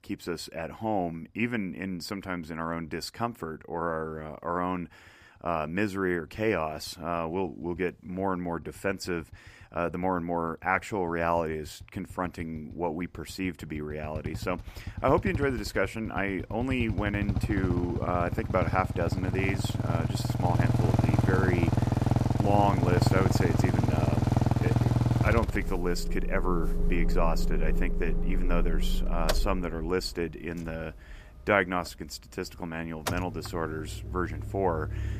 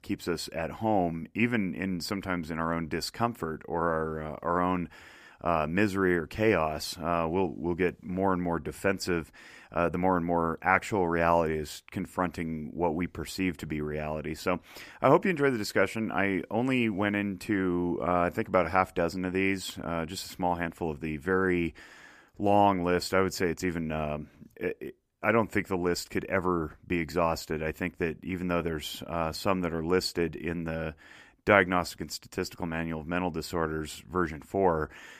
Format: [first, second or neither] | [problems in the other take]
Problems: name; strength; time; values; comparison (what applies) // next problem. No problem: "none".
second | traffic noise; very loud; throughout; 2 dB above the speech